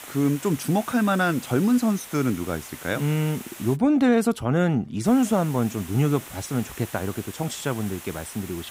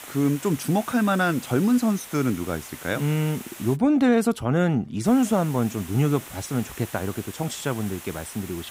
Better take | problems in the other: neither | hiss; noticeable; until 4 s and from 5 s on; 15 dB below the speech; the same in both

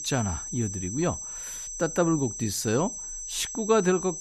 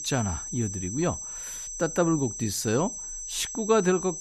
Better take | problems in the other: neither | high-pitched whine; loud; throughout; 6 kHz, 6 dB below the speech; the same in both

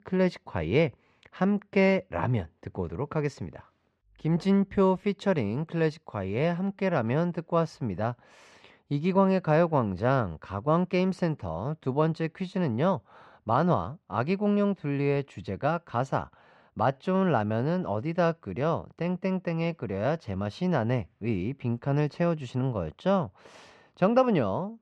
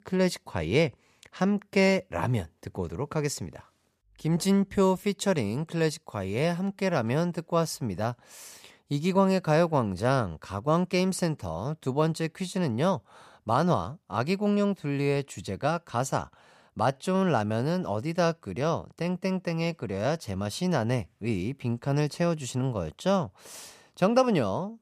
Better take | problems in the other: second | muffled; slightly; fading above 2.5 kHz

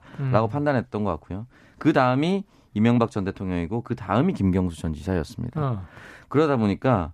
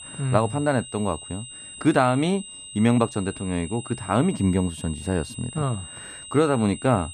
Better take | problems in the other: first | high-pitched whine; noticeable; throughout; 8 kHz, 15 dB below the speech

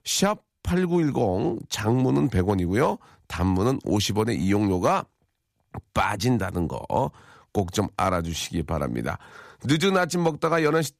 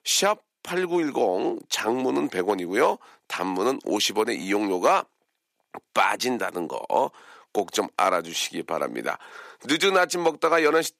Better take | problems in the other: first | thin; somewhat; fading below 350 Hz

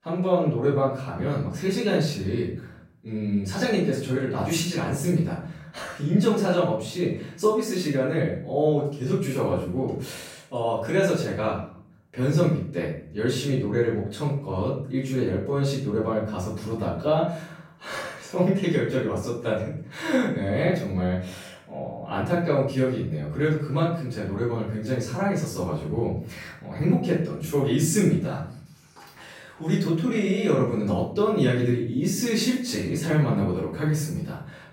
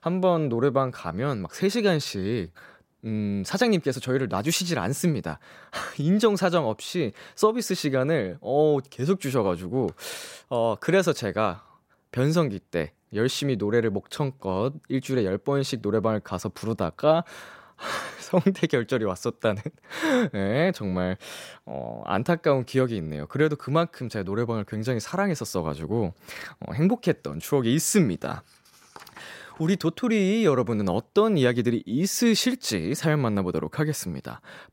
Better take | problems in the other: second | off-mic speech; far // room echo; noticeable; dies away in 0.5 s

